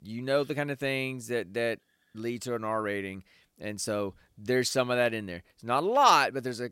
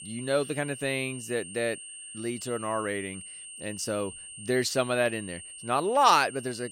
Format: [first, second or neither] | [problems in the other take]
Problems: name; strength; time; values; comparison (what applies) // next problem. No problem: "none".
first | high-pitched whine; noticeable; throughout; 8.5 kHz, 15 dB below the speech